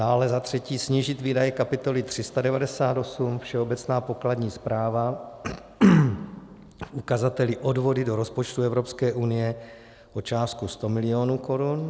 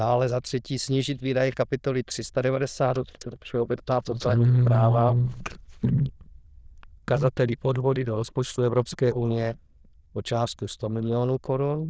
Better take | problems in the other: first | noise reduction (neural diffusion model UNIVERSE++)

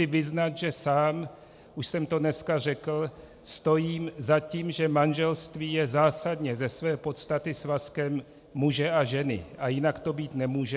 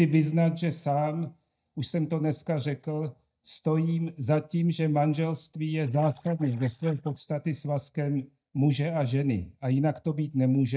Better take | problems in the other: first | noise reduction (neural mask model DeepFilterNet 3)

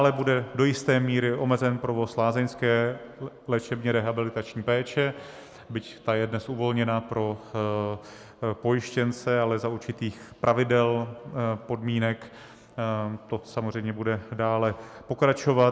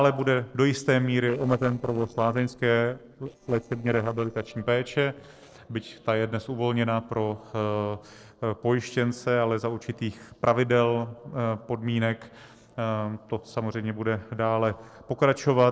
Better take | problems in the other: first | noise reduction (neural separator model SepFormer DNS4)

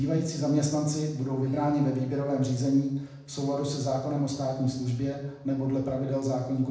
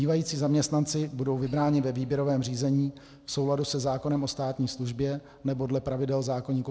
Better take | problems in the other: second | room echo; dies away in 0.8 s

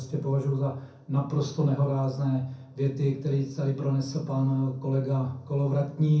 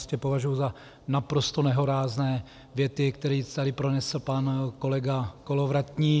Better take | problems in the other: second | room echo; dies away in 0.6 s

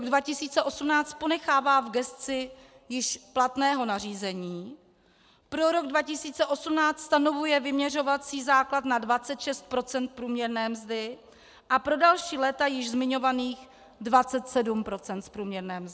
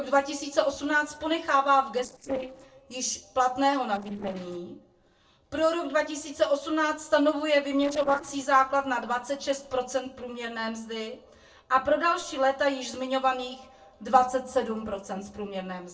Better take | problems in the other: first | noise reduction (neural separator model SepFormer DNS4)

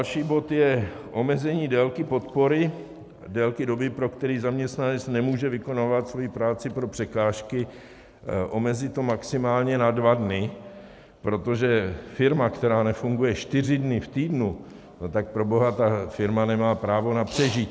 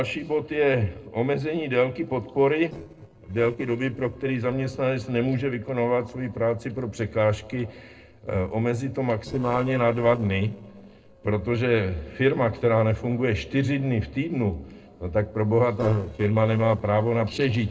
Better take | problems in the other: first | noise reduction (neural separator model SepFormer DNS4)

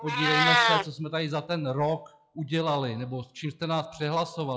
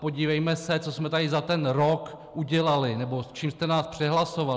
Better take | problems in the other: second | noise reduction (classical method log-MMSE)

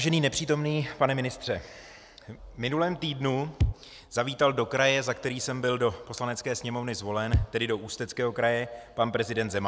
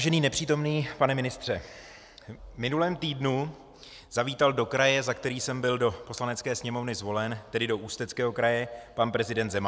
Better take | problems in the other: second | background sound (Bass drum); 1 dB above the speech

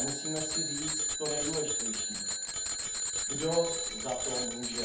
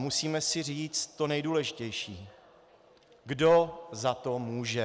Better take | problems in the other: second | background sound (Bicycle bell); 4 dB above the speech // room echo; dies away in 0.6 s

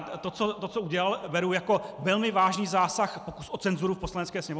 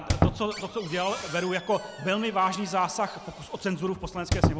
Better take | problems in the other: first | background sound (Squeak); 2 dB below the speech

